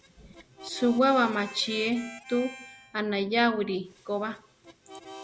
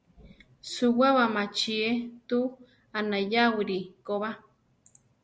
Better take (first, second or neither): second